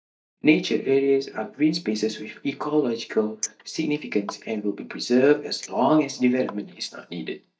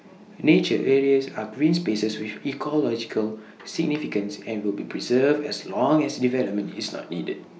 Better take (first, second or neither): second